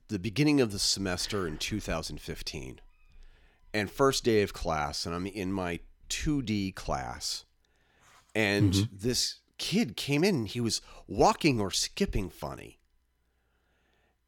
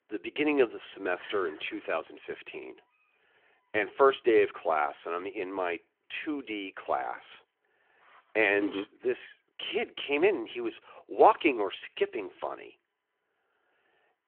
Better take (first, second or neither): first